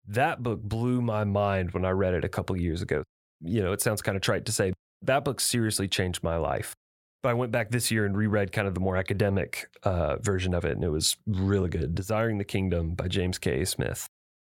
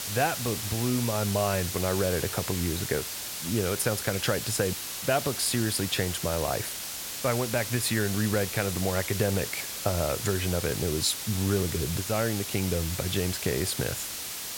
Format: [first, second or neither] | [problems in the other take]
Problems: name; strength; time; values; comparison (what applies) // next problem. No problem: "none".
first | hiss; loud; throughout; 4 dB below the speech